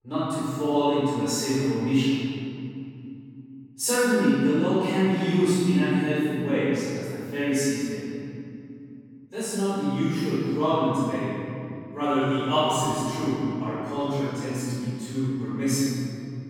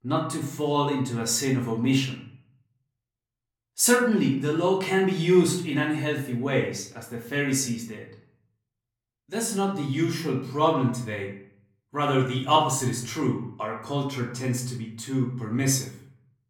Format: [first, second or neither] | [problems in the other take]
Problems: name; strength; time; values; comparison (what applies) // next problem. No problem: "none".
second | room echo; strong; dies away in 2.8 s; slight in the second // off-mic speech; far; far in the second